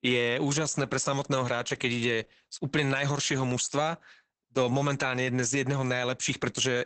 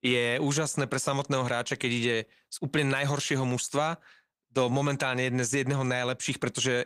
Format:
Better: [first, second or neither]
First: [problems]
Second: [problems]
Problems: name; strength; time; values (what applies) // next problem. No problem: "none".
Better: second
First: garbled, watery; badly; nothing above 8 kHz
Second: garbled, watery; slightly; nothing above 15.5 kHz